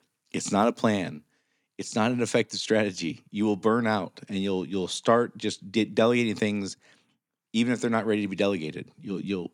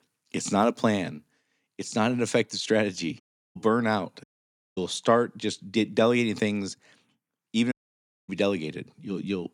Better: first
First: none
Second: audio cutting out; at 3 s, at 4 s for 0.5 s and at 7.5 s for 0.5 s

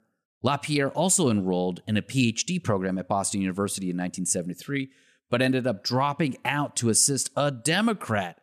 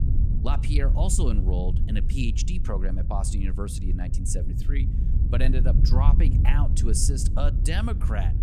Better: first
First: none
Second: wind noise on the microphone; heavy; 7 dB below the speech

